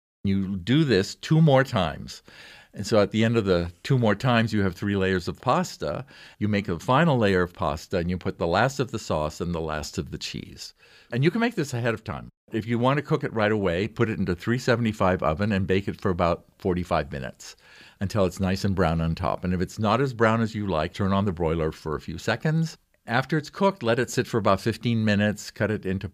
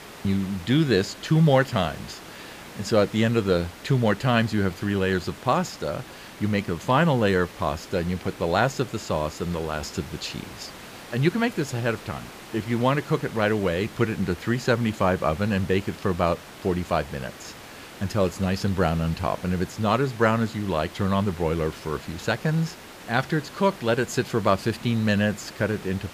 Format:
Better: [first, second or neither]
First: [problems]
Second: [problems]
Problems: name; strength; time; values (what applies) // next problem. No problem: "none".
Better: first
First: none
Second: hiss; noticeable; throughout; 15 dB below the speech